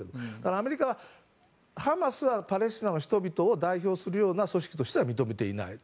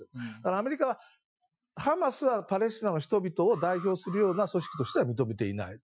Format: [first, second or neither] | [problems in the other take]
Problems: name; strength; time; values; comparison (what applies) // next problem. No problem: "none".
first | noise reduction (classical method Wiener filter)